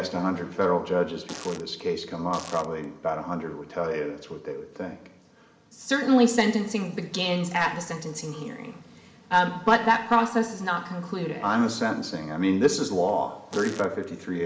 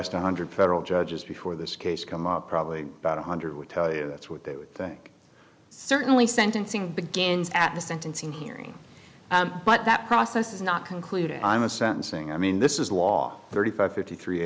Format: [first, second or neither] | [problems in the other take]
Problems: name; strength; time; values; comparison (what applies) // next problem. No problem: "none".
second | background sound (Fart); 17 dB below the speech // room echo; dies away in 0.8 s